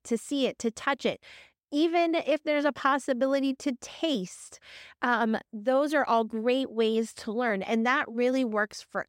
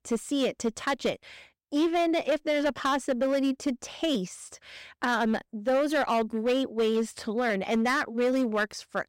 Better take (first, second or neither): first